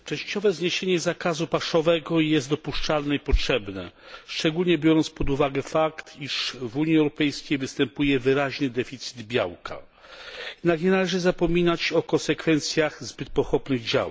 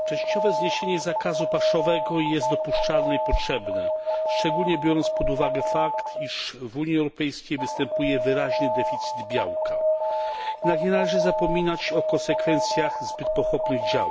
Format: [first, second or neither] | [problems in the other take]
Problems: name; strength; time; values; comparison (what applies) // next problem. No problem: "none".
first | background sound (Alarm); 1 dB above the speech